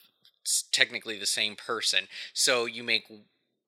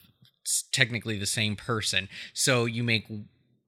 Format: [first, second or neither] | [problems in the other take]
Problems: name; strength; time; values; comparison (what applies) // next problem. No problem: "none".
second | thin; somewhat; fading below 450 Hz